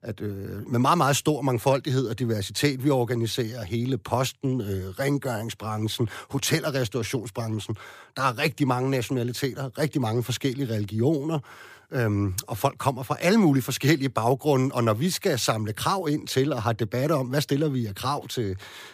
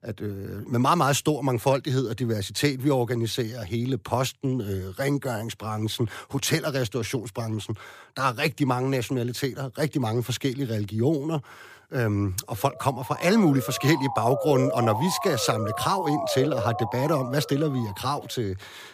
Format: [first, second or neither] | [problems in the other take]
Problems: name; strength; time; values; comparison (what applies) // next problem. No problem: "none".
first | siren; noticeable; from 13 to 18 s; peak 2 dB below the speech